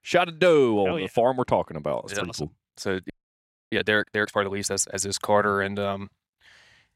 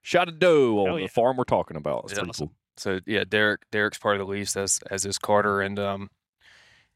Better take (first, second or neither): second